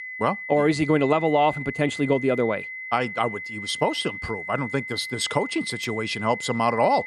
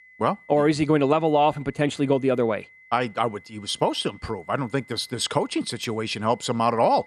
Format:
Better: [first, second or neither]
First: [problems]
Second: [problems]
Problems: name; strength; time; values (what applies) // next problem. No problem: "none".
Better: second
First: high-pitched whine; loud; throughout; 2 kHz, 8 dB below the speech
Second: high-pitched whine; faint; throughout; 2 kHz, 25 dB below the speech